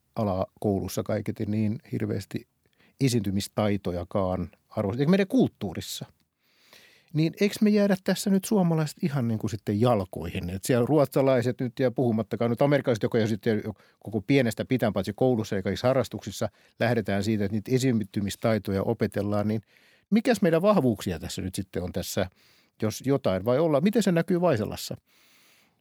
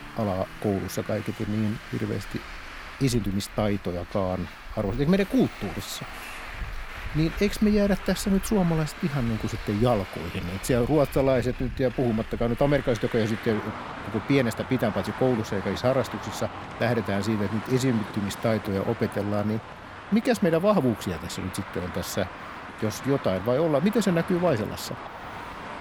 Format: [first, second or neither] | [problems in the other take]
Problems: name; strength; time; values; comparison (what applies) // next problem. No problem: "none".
first | traffic noise; noticeable; throughout; 10 dB below the speech